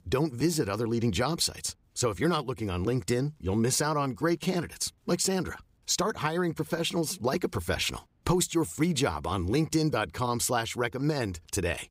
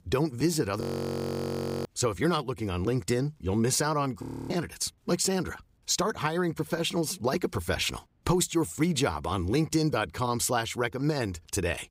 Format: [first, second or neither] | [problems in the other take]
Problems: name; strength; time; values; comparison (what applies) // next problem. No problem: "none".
first | audio freezing; at 1 s for 1 s and at 4 s